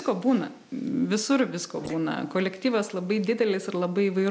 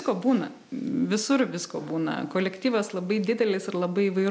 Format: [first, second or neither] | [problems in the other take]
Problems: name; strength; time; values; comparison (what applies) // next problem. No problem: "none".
second | noise reduction (neural mask model Resemble Enhance denoiser)